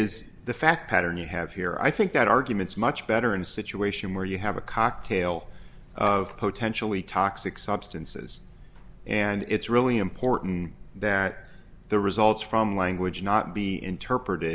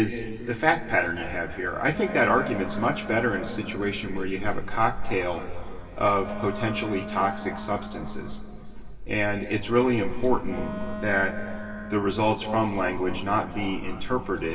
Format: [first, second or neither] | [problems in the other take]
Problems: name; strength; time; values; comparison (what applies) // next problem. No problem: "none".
first | background sound (Wind instrument, woodwind instrument); 14 dB below the speech // room echo; dies away in 3 s